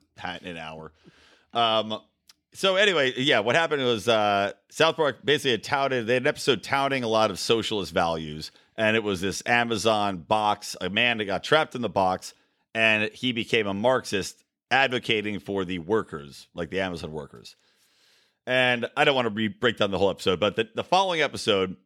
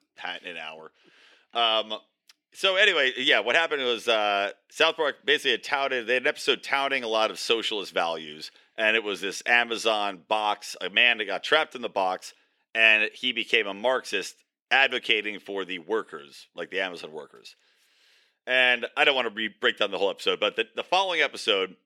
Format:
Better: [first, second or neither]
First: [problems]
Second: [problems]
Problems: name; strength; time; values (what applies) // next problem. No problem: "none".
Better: first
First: none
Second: thin; somewhat; fading below 350 Hz